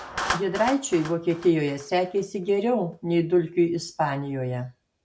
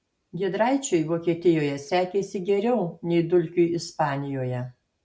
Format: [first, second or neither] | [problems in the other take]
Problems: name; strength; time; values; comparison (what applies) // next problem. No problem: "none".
second | background sound (Clapping); 13 dB below the speech